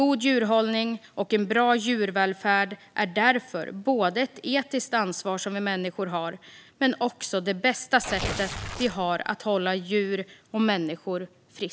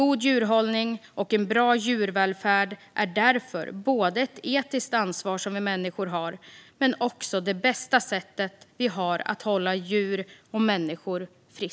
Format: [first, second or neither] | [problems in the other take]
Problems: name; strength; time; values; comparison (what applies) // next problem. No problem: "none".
second | background sound (Tearing); 8 dB below the speech